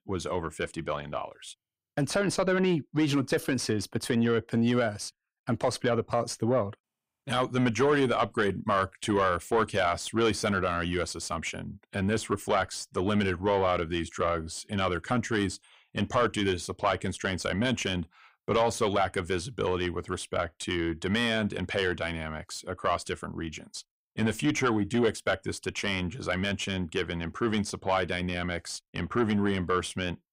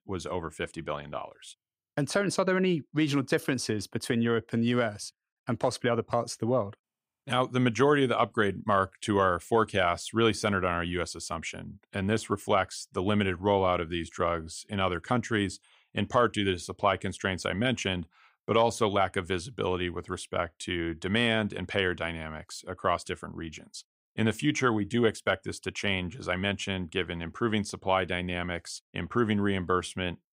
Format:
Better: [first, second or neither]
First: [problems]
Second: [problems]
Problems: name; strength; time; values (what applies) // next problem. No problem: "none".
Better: second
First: distortion; slight; 9 dB below the speech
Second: none